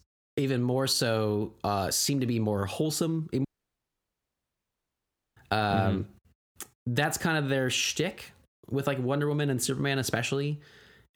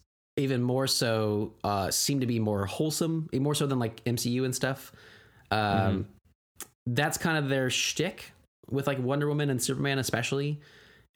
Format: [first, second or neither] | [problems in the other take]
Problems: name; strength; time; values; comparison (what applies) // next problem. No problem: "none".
second | audio cutting out; at 3.5 s for 2 s